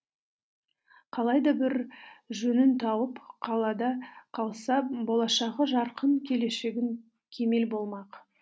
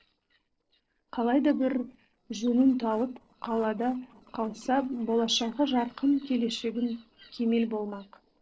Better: first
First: none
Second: noise reduction (neural separator model SepFormer DNS4)

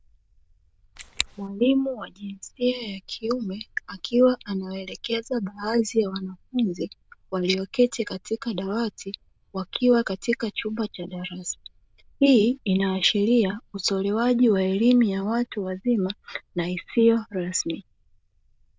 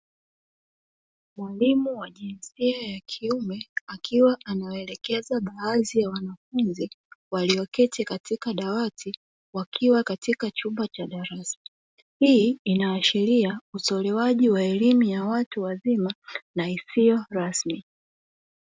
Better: second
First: noise reduction (neural diffusion model UNIVERSE++)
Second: none

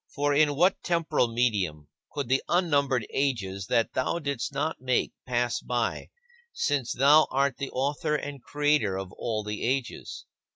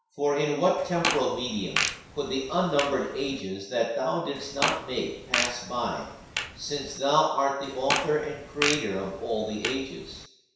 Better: first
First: none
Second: background sound (Fart); 4 dB below the speech // room echo; dies away in 0.7 s

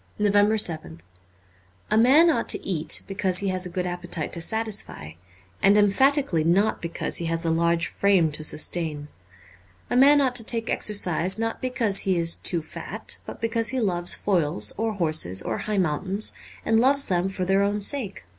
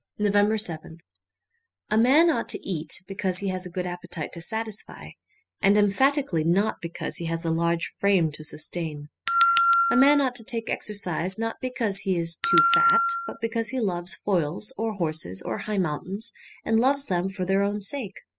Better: first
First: none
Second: noise reduction (classical method spectral subtraction)

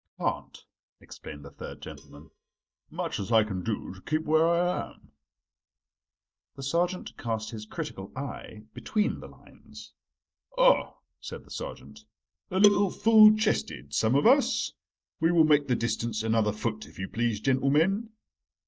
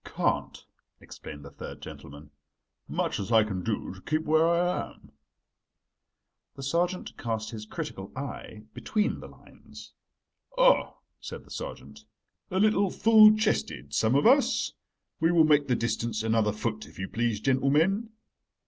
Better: second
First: noise reduction (neural mask model DeepFilterNet 3)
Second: none

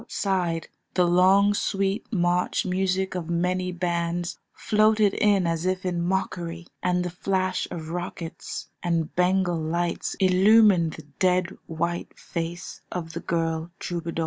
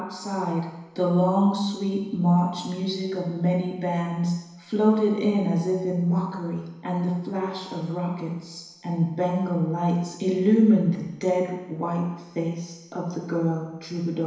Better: first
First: none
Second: room echo; dies away in 1 s

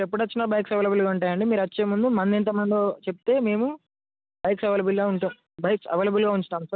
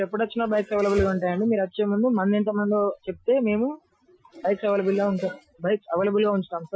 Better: first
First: none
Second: noise reduction (classical method Wiener filter)

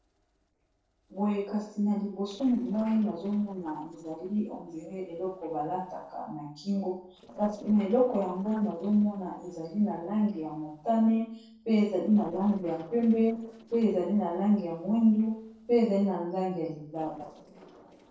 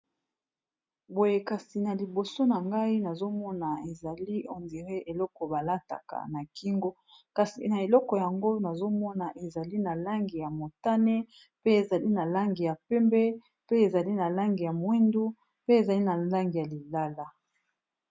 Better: second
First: noise reduction (neural separator model SepFormer DNS4)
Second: none

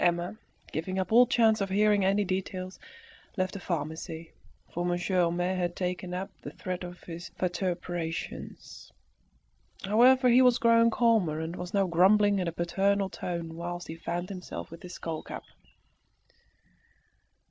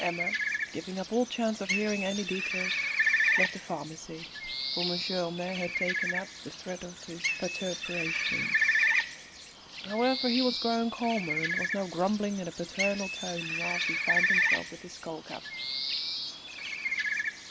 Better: first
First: none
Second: background sound (Bird); 2 dB above the speech

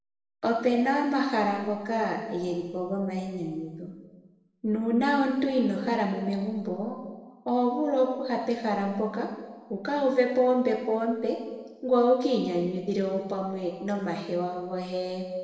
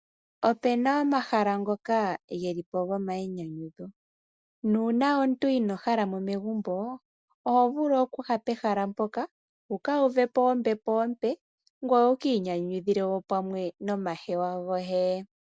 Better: second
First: room echo; dies away in 1.2 s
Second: none

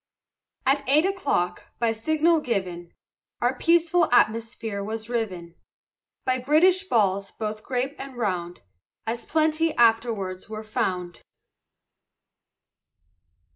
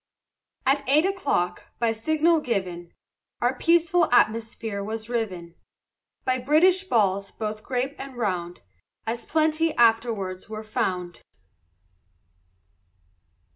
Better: second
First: noise reduction (neural mask model Resemble Enhance denoiser)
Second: none

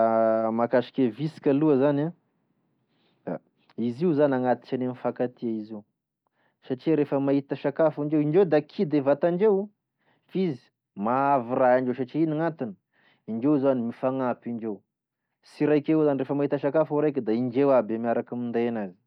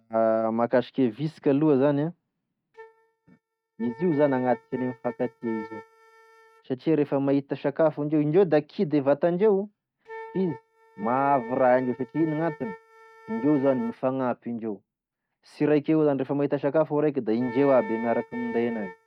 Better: first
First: none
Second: noise reduction (neural mask model RNNoise)

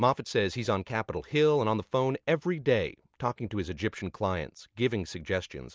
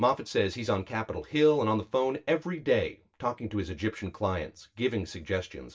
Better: first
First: none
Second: room echo; dies away in 0.2 s

